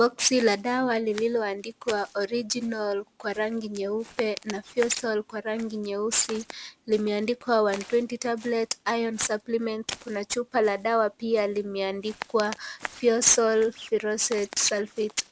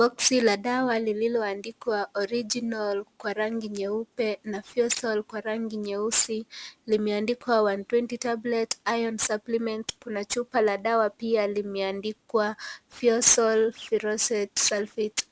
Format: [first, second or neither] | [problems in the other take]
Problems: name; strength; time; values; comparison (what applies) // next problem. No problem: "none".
second | background sound (Walk, footsteps); 19 dB below the speech